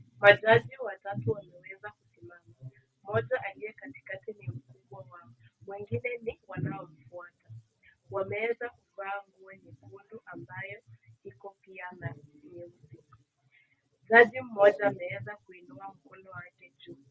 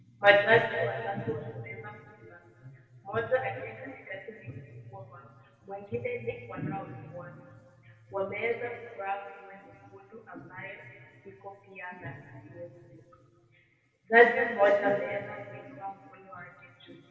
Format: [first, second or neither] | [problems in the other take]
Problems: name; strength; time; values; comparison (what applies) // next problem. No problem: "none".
first | room echo; dies away in 2 s